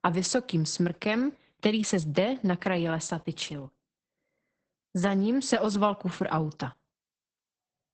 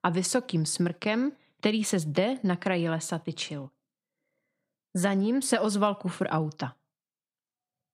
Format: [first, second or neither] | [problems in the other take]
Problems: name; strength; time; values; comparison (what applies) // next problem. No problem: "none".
second | garbled, watery; badly; nothing above 8 kHz